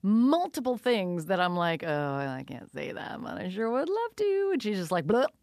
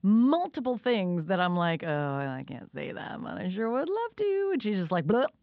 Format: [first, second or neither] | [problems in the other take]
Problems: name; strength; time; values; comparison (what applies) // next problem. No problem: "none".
first | muffled; slightly; fading above 3.5 kHz